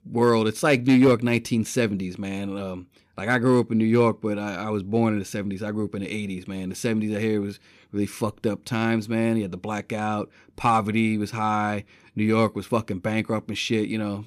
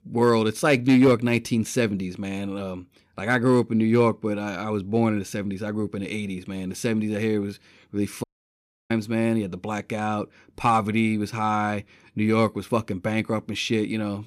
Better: first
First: none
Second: audio cutting out; at 8 s for 0.5 s

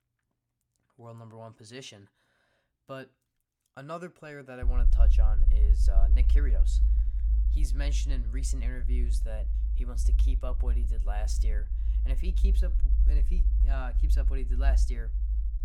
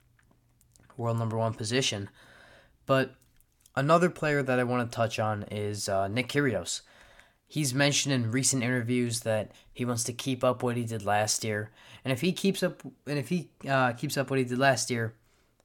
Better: second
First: low rumble; loud; from 4.5 s on; 7 dB below the speech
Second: none

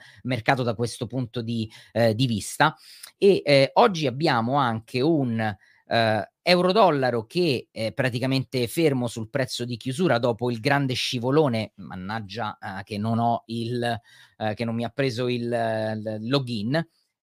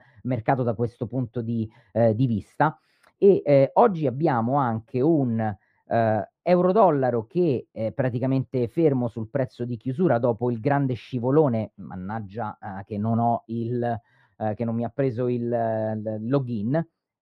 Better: first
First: none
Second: muffled; very; fading above 2.5 kHz

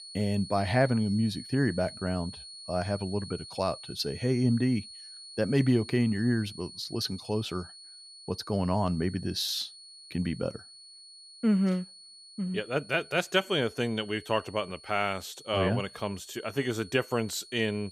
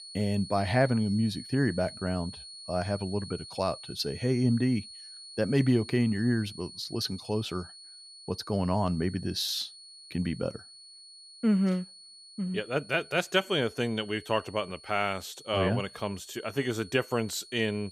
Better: neither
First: high-pitched whine; noticeable; throughout; 4.5 kHz, 15 dB below the speech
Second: high-pitched whine; noticeable; throughout; 4.5 kHz, 15 dB below the speech

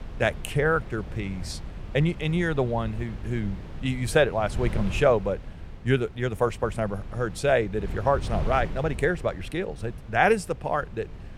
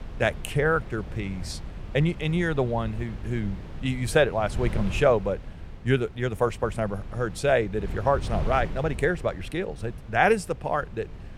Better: neither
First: wind noise on the microphone; occasional gusts; 20 dB below the speech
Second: wind noise on the microphone; occasional gusts; 20 dB below the speech

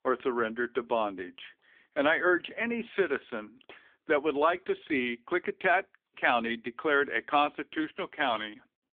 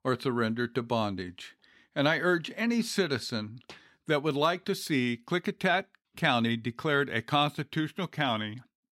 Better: second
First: phone-call audio; nothing above 3.5 kHz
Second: none

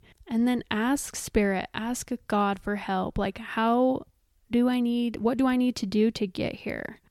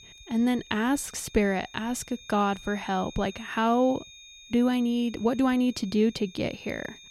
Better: first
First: none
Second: high-pitched whine; noticeable; throughout; 3.5 kHz, 20 dB below the speech

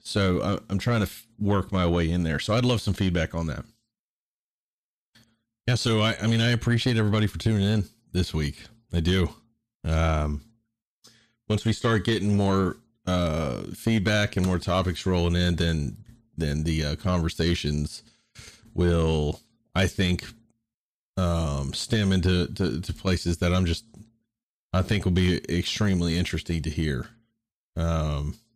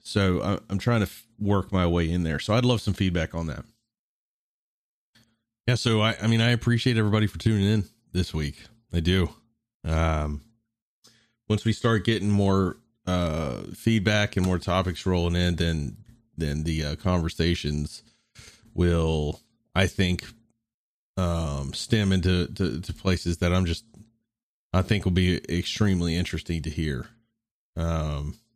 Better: second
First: distortion; slight; 10 dB below the speech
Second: none

